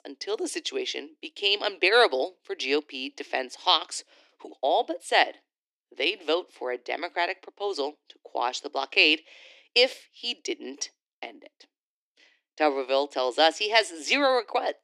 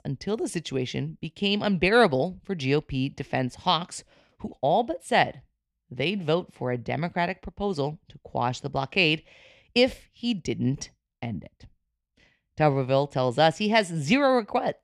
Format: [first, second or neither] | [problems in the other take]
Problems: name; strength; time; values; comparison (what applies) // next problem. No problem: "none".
second | thin; somewhat; fading below 300 Hz